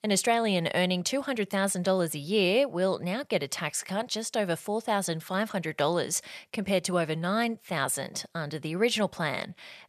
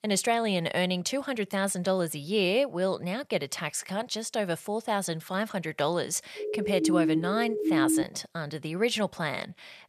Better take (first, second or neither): first